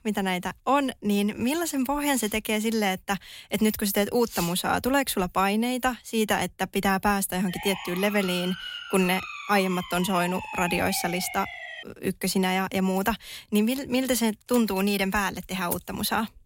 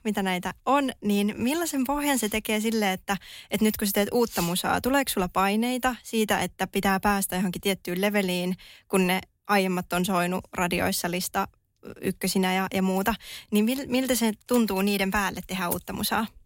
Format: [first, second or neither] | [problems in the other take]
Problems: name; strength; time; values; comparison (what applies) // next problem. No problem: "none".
second | siren; noticeable; from 7.5 to 12 s; peak 7 dB below the speech